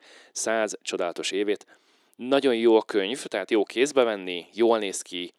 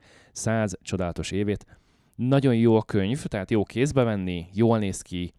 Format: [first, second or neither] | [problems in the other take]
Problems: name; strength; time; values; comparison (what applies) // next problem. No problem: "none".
second | thin; somewhat; fading below 350 Hz